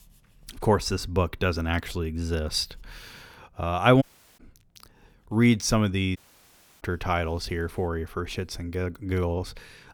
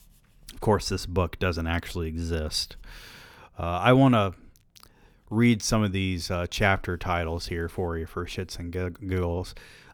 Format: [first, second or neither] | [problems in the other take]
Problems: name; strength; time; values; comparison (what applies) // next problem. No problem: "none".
second | audio cutting out; at 4 s and at 6 s for 0.5 s